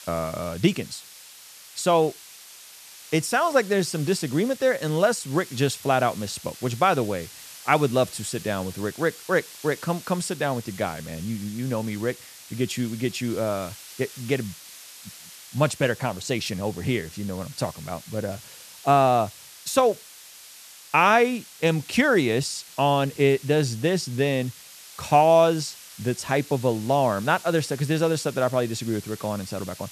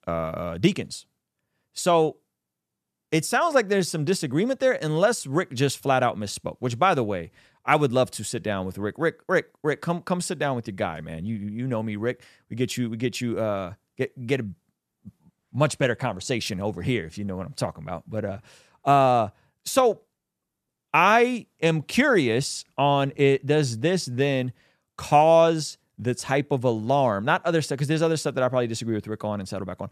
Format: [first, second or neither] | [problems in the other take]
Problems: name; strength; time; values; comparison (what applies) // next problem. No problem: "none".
second | hiss; noticeable; throughout; 15 dB below the speech